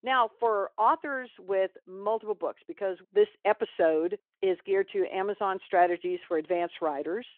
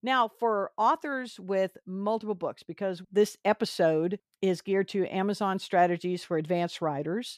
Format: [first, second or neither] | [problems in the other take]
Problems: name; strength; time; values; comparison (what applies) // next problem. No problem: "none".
second | phone-call audio